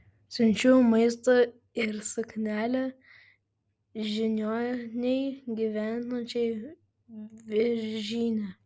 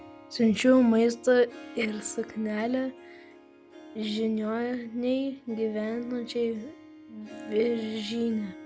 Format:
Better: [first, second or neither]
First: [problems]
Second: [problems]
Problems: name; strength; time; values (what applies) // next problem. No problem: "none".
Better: first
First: none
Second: background sound (Harp); 19 dB below the speech